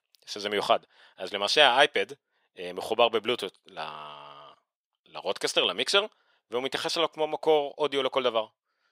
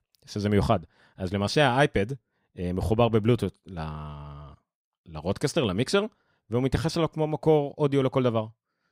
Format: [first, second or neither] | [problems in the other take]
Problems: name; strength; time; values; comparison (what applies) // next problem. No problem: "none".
second | thin; very; fading below 600 Hz